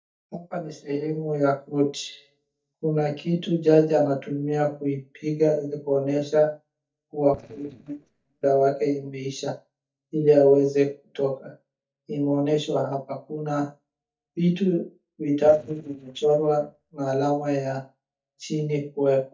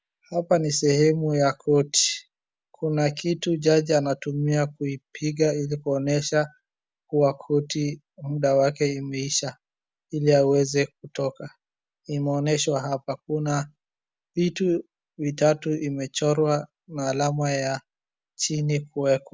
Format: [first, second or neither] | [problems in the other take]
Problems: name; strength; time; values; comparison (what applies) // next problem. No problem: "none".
second | noise reduction (neural mask model DeepFilterNet 3)